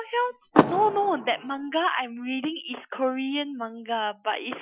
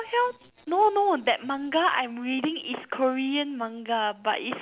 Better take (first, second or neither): second